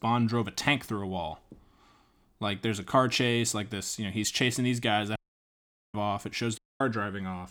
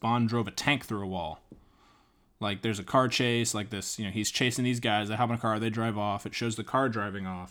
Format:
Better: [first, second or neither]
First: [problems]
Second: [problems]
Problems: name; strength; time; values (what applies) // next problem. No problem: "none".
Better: second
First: audio cutting out; at 5 s for 1 s and at 6.5 s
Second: none